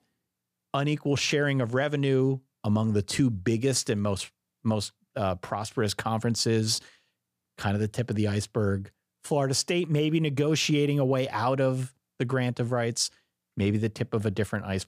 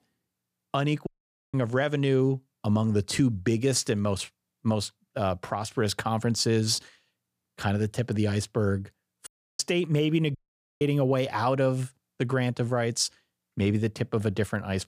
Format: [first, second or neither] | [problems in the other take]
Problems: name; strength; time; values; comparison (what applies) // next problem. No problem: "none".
first | audio cutting out; at 1 s, at 9.5 s and at 10 s